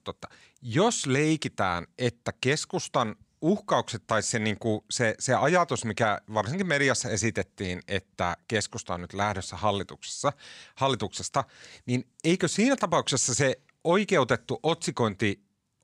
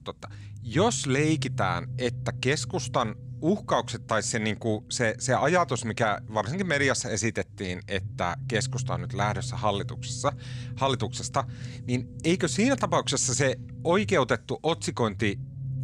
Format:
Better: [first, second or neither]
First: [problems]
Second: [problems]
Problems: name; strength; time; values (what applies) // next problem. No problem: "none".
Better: first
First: none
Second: low rumble; faint; throughout; 20 dB below the speech